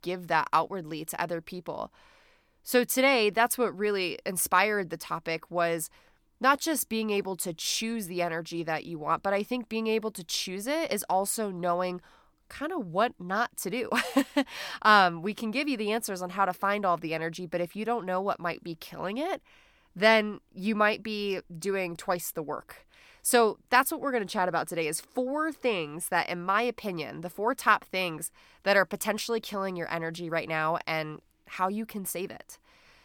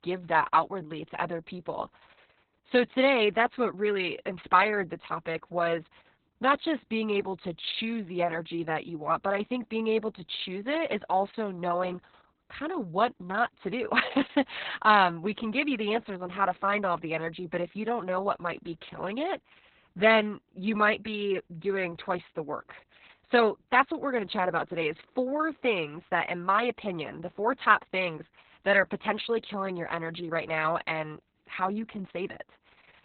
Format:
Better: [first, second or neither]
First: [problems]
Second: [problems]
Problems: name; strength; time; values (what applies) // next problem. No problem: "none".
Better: first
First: none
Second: garbled, watery; badly; nothing above 4 kHz